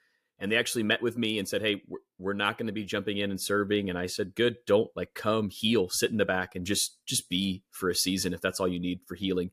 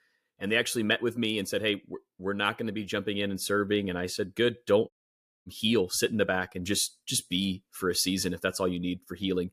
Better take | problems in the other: first | audio cutting out; at 5 s for 0.5 s

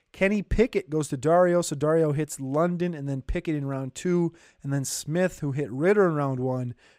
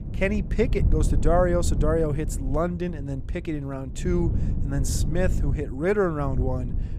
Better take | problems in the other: first | wind noise on the microphone; occasional gusts; 15 dB below the speech

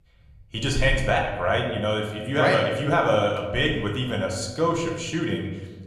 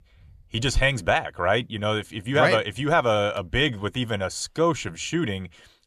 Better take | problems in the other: second | room echo; slight; dies away in 1 s // off-mic speech; somewhat distant

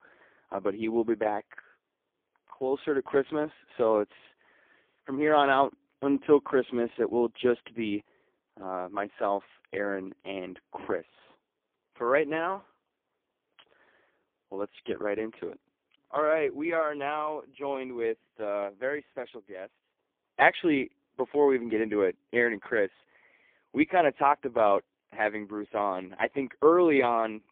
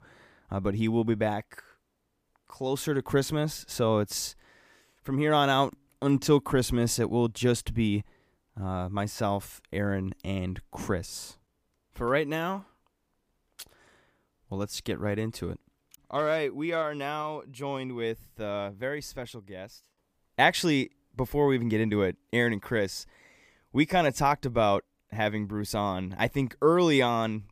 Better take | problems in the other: second | phone-call audio; poor line; nothing above 3.5 kHz

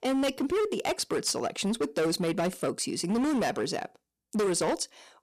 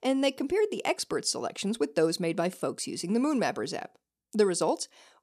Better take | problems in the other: second | distortion; heavy; 17% of the sound clipped

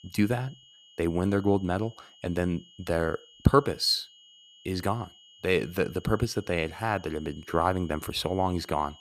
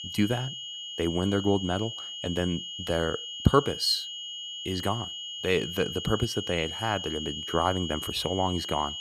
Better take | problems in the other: first | high-pitched whine; loud; throughout; 3 kHz, 6 dB below the speech; faint in the first

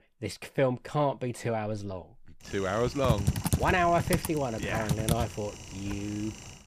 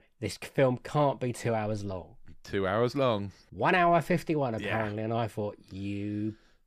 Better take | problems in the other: second | keyboard typing; loud; from 3 to 6 s; peak 2 dB above the speech

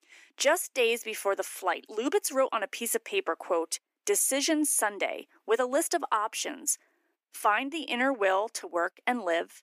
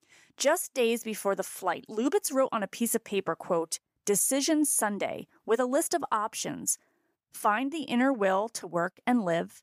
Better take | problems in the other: second | thin; very slightly; fading below 300 Hz

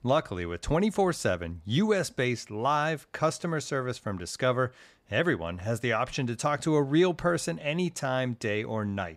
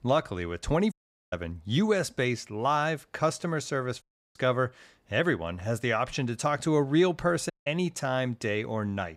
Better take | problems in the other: first | audio cutting out; at 1 s, at 4 s and at 7.5 s

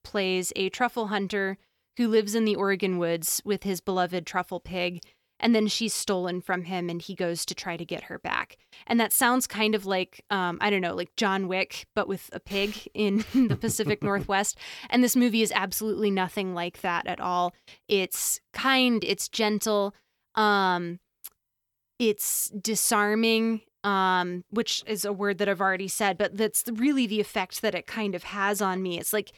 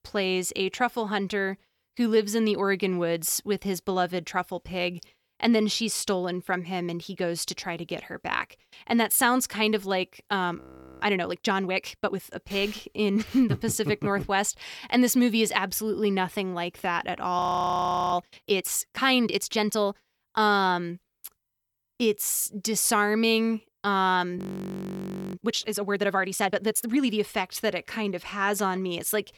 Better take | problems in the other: first | audio freezing; at 11 s, at 17 s for 0.5 s and at 24 s for 1 s

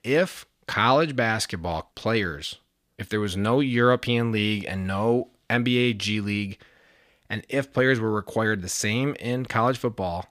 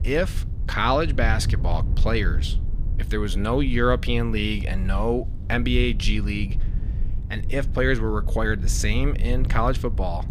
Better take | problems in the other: first | low rumble; noticeable; throughout; 20 dB below the speech

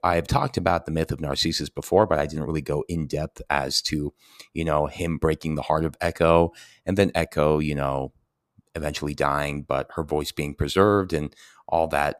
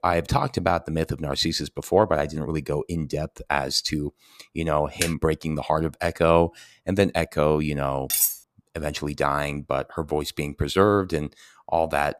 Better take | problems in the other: first | keyboard typing; noticeable; at 5 s; peak 4 dB below the speech // clattering dishes; loud; at 8 s; peak 4 dB above the speech

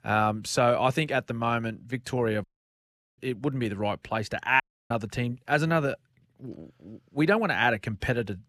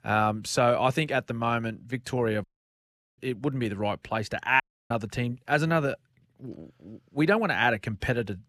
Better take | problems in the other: neither | audio cutting out; at 2.5 s for 0.5 s and at 4.5 s; the same in both

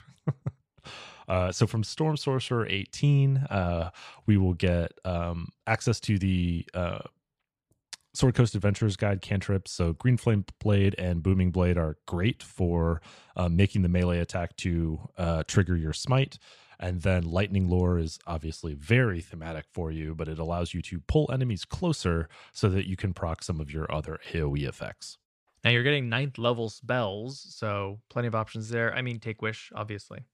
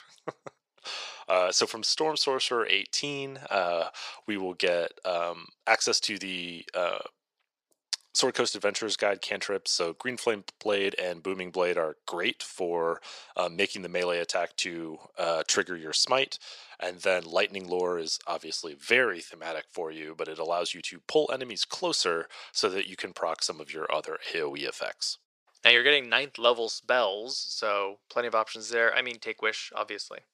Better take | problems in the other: first | thin; very; fading below 400 Hz

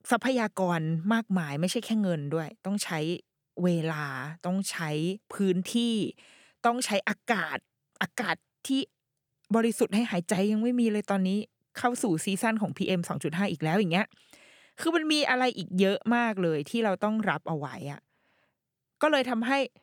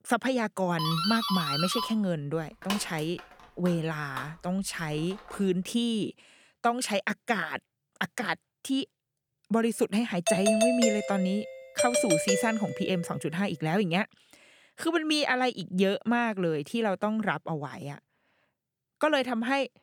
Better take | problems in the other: first | doorbell; loud; from 1 to 5.5 s and from 10 to 13 s; peak 4 dB above the speech

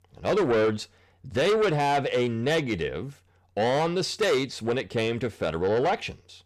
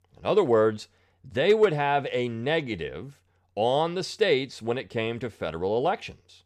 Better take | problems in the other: second | distortion; heavy; 7 dB below the speech

